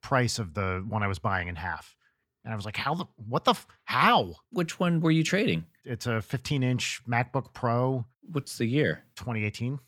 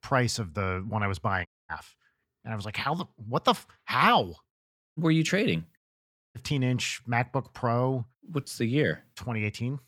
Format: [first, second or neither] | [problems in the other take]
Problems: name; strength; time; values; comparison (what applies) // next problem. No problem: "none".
first | audio cutting out; at 1.5 s, at 4.5 s and at 6 s for 0.5 s